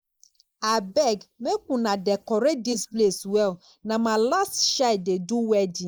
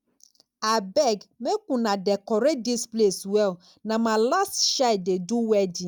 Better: second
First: noise reduction (neural mask model Resemble Enhance denoiser)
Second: none

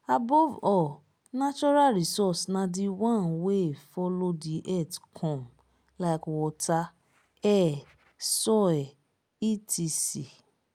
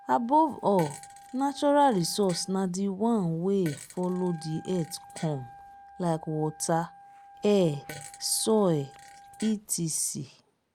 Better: first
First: none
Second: background sound (Wind instrument, woodwind instrument + Fart); 20 dB below the speech

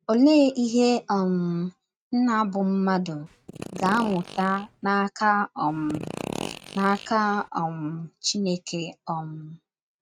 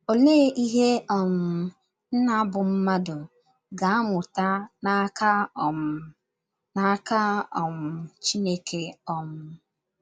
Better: second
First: noise reduction (neural mask model RNNoise)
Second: none

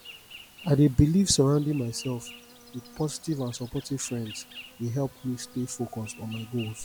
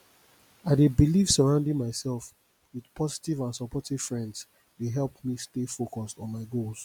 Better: second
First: background sound (Insect); 20 dB below the speech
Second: none

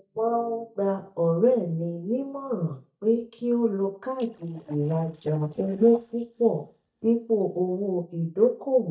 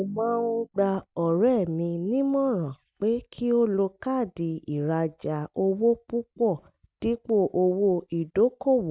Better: second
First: noise reduction (neural mask model DeepFilterNet 3)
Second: none

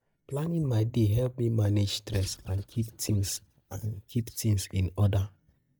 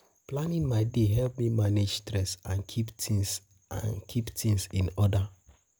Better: second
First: noise reduction (neural mask model DeepFilterNet 3)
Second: none

